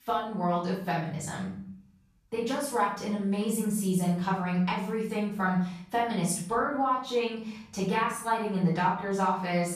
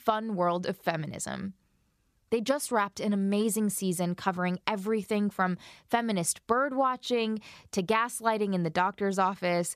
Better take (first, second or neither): second